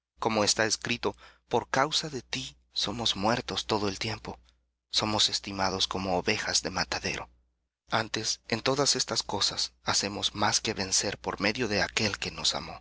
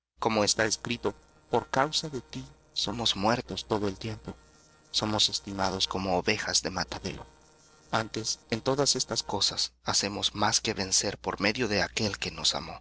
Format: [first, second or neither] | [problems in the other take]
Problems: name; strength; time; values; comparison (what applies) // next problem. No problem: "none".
first | noise reduction (neural separator model SepFormer DNS4)